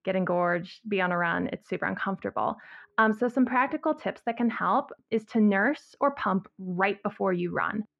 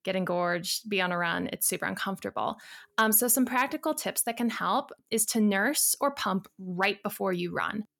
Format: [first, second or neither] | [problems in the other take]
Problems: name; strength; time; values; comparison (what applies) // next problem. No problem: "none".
second | muffled; very; fading above 2 kHz